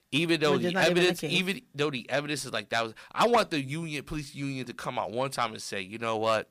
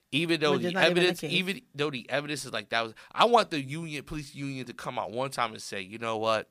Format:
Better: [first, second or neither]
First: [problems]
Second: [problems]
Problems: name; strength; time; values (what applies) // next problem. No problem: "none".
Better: second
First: distortion; slight; 10 dB below the speech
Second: none